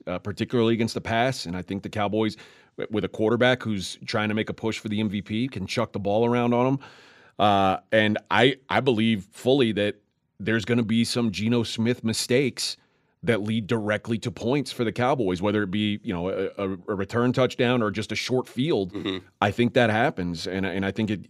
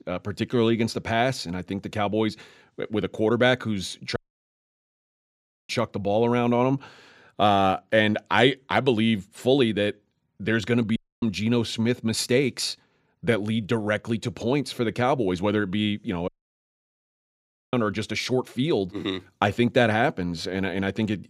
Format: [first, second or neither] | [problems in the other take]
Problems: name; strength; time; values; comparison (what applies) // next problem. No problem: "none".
first | audio cutting out; at 4 s for 1.5 s, at 11 s and at 16 s for 1.5 s